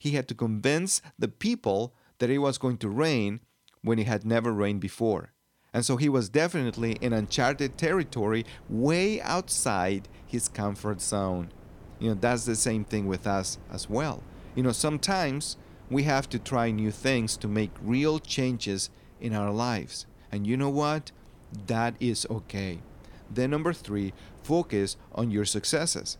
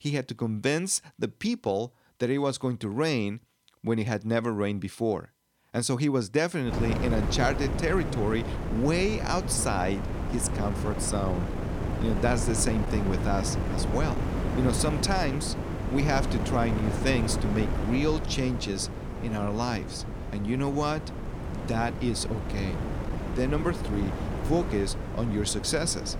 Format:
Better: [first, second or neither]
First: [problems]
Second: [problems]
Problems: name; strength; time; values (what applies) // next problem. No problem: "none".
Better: first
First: wind noise on the microphone; occasional gusts; from 6.5 s on; 25 dB below the speech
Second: wind noise on the microphone; heavy; from 6.5 s on; 6 dB below the speech